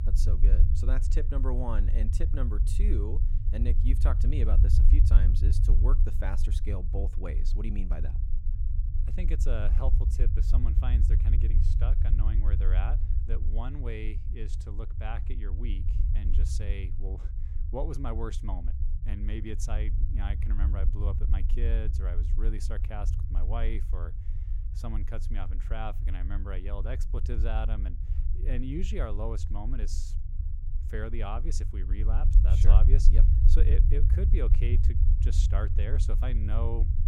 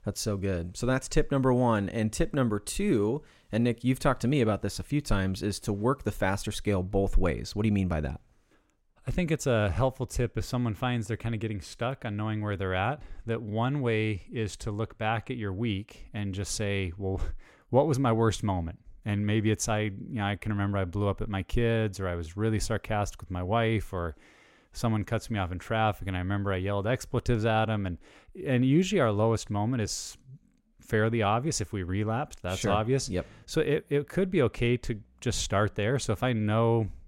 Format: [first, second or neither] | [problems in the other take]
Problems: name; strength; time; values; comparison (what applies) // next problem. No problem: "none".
second | low rumble; loud; throughout; 6 dB below the speech